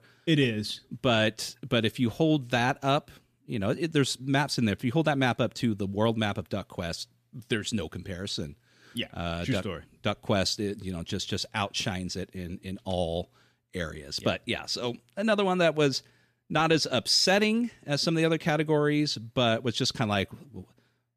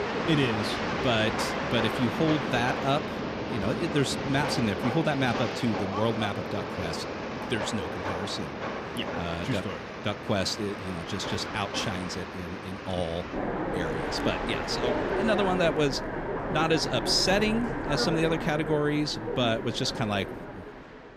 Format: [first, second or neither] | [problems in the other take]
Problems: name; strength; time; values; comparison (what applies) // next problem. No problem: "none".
first | train or aircraft noise; loud; throughout; 3 dB below the speech